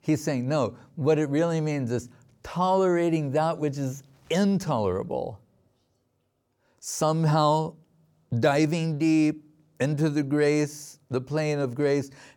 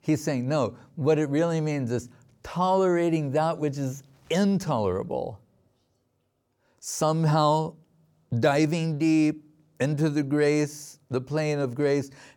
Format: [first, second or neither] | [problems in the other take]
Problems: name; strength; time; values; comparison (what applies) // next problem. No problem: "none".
neither | none